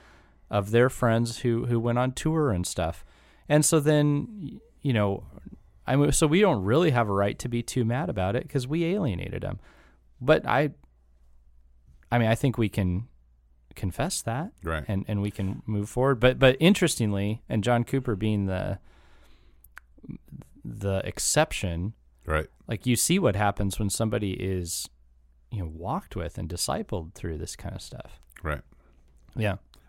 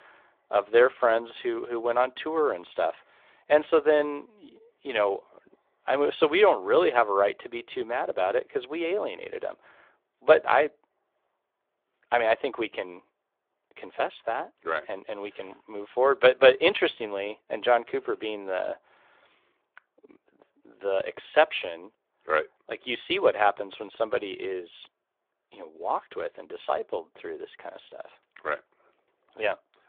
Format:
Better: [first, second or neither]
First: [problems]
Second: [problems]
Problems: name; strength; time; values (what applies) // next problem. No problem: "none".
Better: first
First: none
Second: phone-call audio